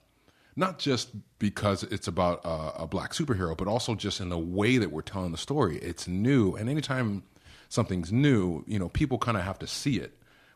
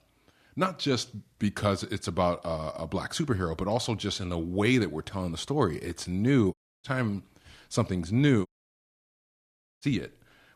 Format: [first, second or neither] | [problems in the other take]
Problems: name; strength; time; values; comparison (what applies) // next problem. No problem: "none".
first | audio cutting out; at 6.5 s and at 8.5 s for 1.5 s